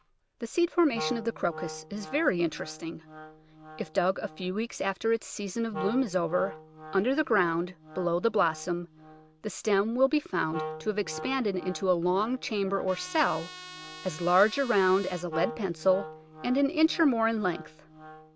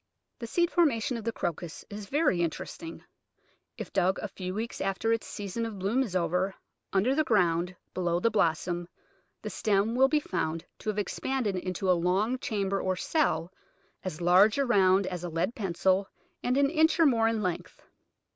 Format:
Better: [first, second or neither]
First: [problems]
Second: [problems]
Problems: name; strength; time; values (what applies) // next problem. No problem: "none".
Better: second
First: background sound (Trumpet + Wind instrument, woodwind instrument); 14 dB below the speech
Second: none